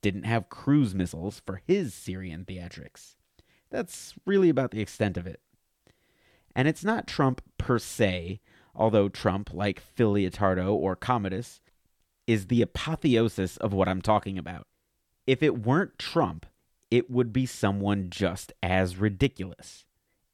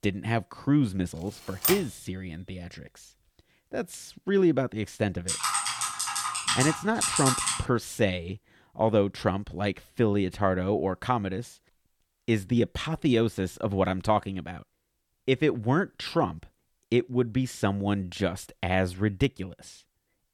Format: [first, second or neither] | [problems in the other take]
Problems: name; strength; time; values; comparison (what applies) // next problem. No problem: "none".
first | keyboard typing; loud; at 1.5 s and from 5.5 to 7.5 s; peak 4 dB above the speech